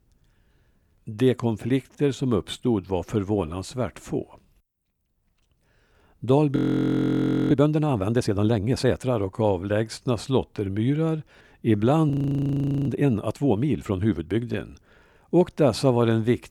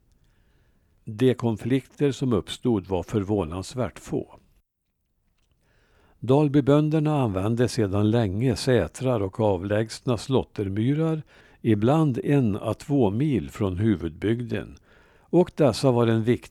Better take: second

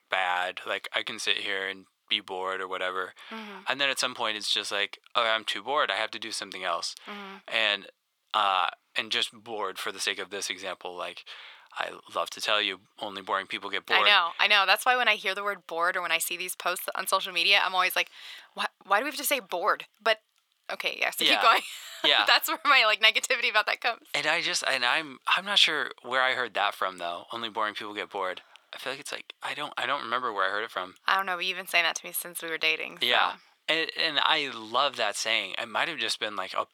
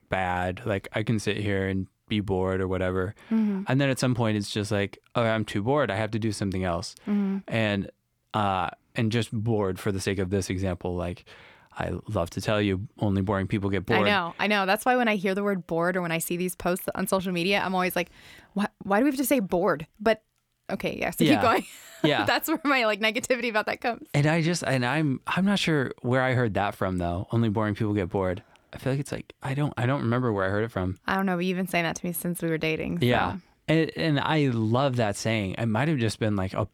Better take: second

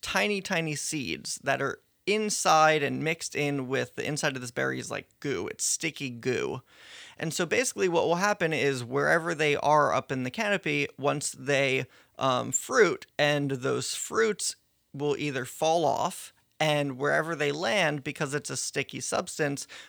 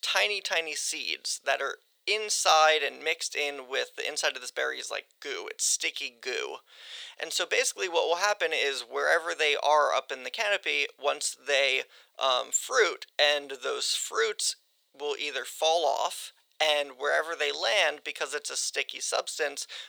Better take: first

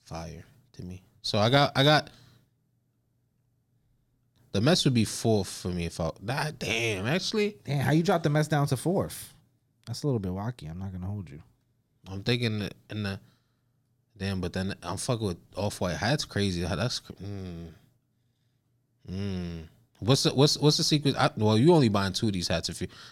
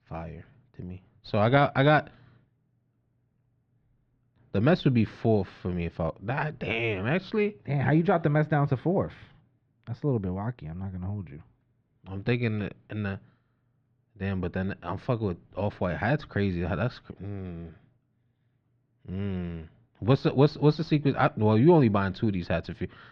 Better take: first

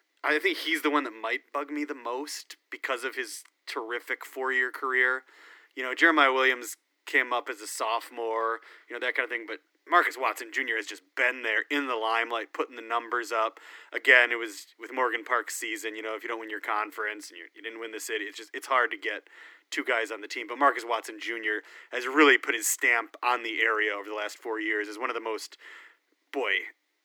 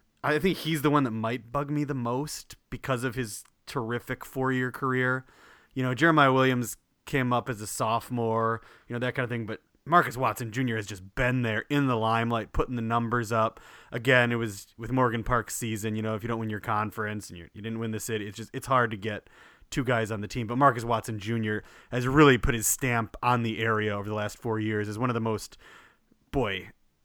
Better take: second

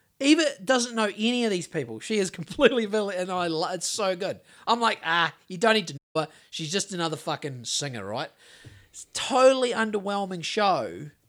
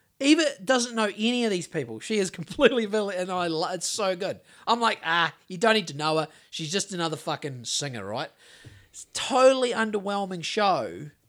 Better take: second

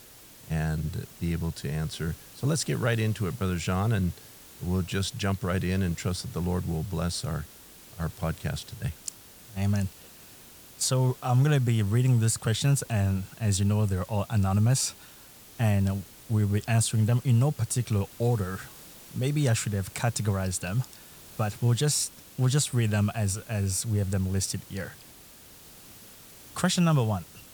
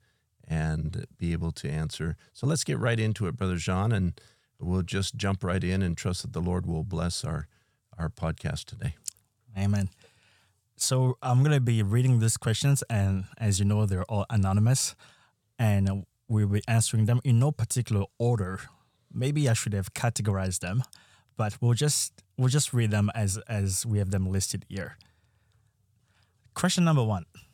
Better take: second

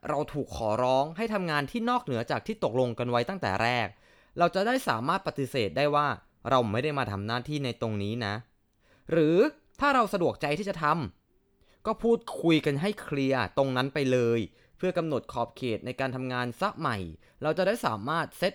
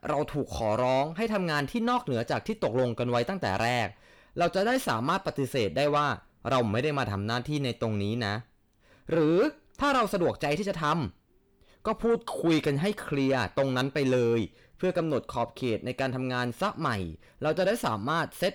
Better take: first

